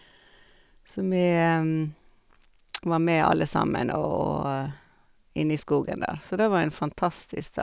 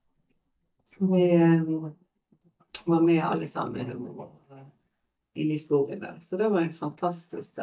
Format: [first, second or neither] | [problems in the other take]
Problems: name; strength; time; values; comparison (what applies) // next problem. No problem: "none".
first | noise reduction (neural mask model DeepFilterNet 3)